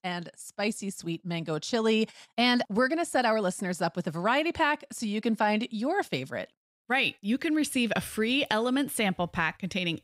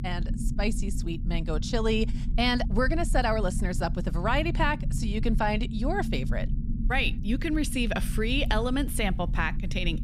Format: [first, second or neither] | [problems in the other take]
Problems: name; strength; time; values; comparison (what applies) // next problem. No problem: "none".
first | low rumble; noticeable; throughout; 15 dB below the speech